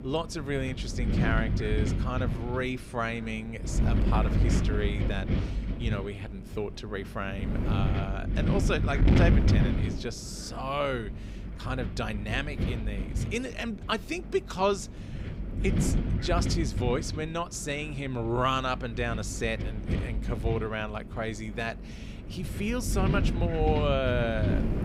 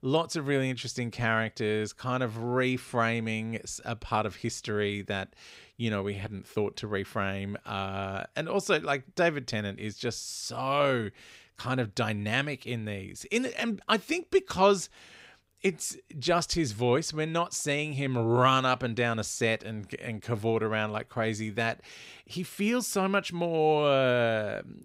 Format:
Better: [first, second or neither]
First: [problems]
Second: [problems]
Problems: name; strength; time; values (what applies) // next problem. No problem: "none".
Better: second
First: wind noise on the microphone; heavy; 7 dB below the speech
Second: none